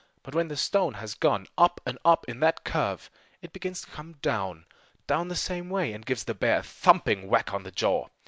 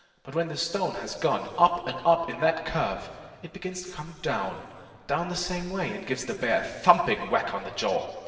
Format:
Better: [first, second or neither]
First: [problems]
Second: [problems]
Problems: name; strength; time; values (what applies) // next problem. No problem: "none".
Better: first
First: none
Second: room echo; dies away in 2.1 s